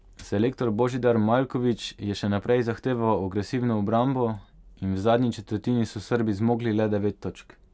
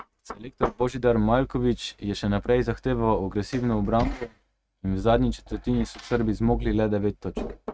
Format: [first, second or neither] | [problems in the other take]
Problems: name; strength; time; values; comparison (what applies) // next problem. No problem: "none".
first | noise reduction (neural mask model RNNoise)